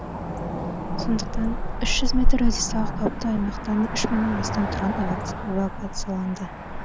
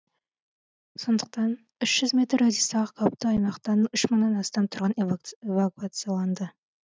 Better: second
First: background sound (Cricket / Motor vehicle (road)); 2 dB above the speech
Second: none

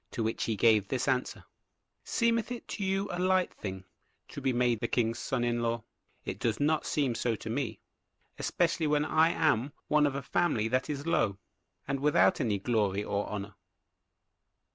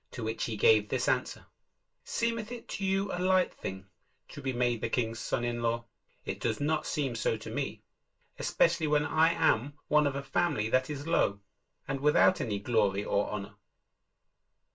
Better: first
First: none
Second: room echo; dies away in 0.2 s

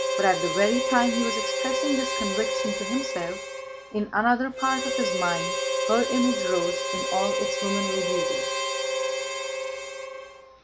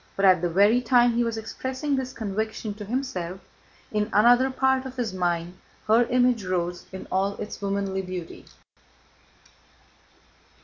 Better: second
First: background sound (Harmonica); as loud as the speech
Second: none

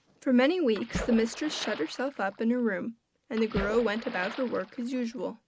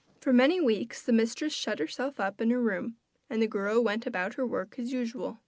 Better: second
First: background sound (Splash, splatter); 11 dB below the speech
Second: none

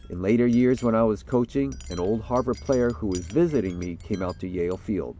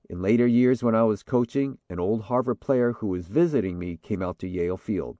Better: second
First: background sound (Wind chime); 17 dB below the speech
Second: none

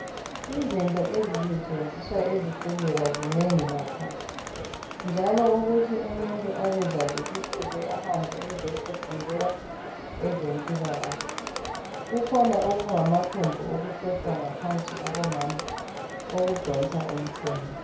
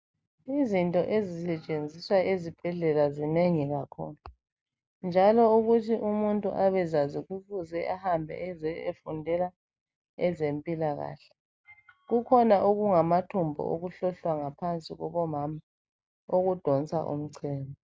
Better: second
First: background sound (Crowd); 7 dB below the speech // room echo; dies away in 0.6 s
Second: none

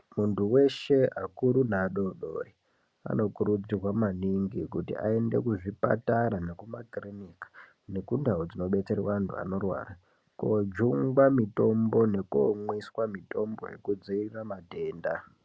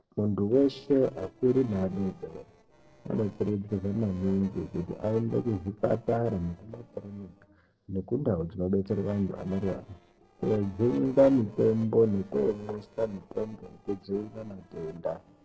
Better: first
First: none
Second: noise reduction (neural separator model SepFormer DNS4)

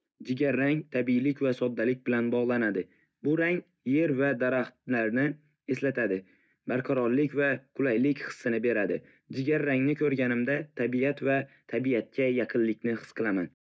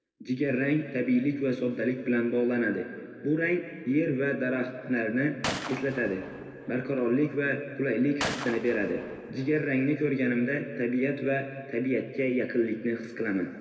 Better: first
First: none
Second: background sound (Gunshot, gunfire); 11 dB below the speech // room echo; dies away in 2 s

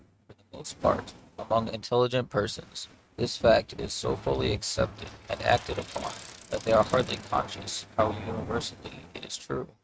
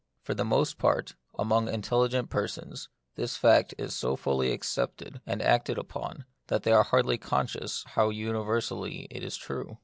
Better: second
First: noise reduction (neural mask model RNNoise)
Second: none

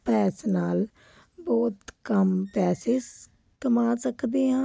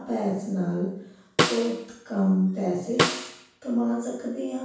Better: first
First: none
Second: background sound (Snare drum); 2 dB below the speech // room echo; dies away in 0.7 s

